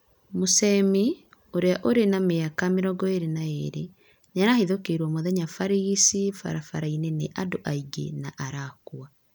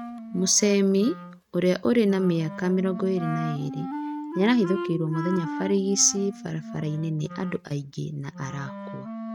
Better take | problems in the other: first | noise reduction (neural mask model RNNoise)

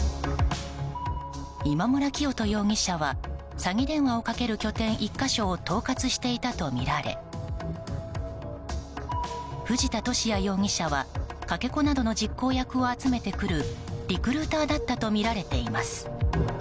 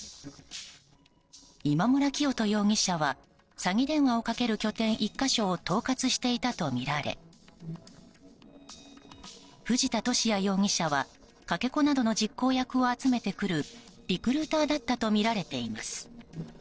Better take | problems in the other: first | noise reduction (neural separator model SepFormer DNS4)

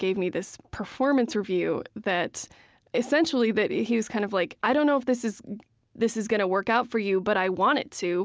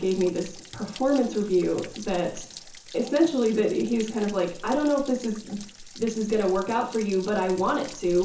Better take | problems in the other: first | background sound (Stream / Trickle, dribble / Splash, splatter); 16 dB below the speech // room echo; dies away in 0.7 s

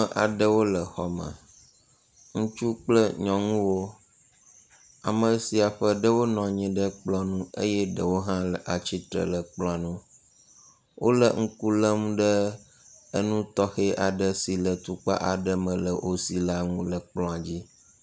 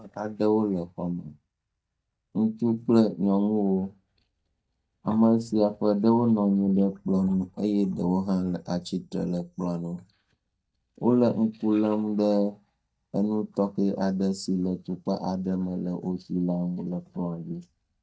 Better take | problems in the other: first | noise reduction (neural mask model DeepFilterNet 3)

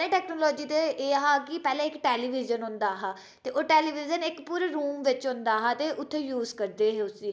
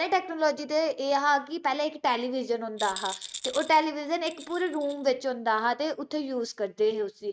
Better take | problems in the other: first | noise reduction (neural mask model RNNoise)

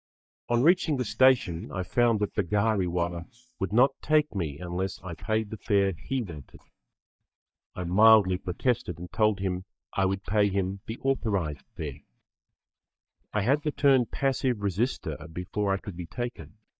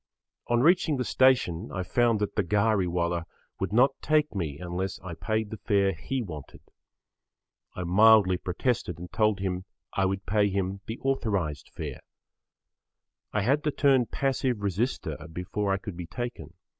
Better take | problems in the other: second | noise reduction (neural mask model DeepFilterNet 3)

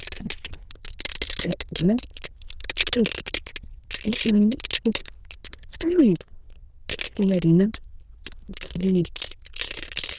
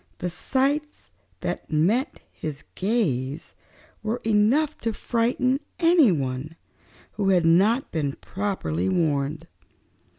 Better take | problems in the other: second | noise reduction (neural diffusion model UNIVERSE++)

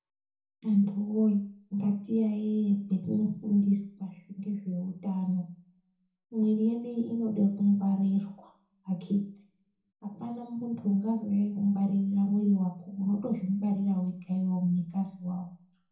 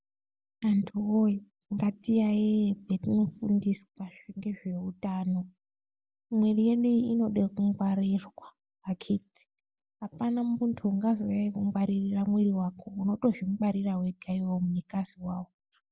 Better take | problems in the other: second | room echo; dies away in 0.6 s

